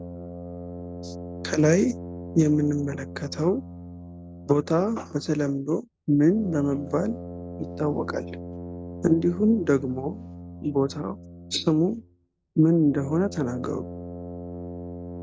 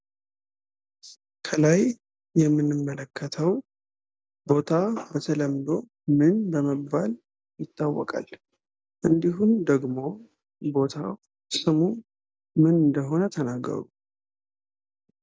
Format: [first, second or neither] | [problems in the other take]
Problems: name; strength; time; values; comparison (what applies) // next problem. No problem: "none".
second | background sound (Brass instrument); 12 dB below the speech